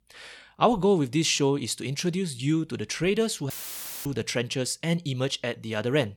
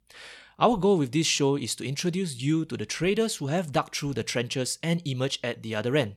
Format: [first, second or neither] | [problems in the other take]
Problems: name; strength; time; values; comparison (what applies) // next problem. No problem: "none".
second | audio cutting out; filled with static; at 3.5 s for 0.5 s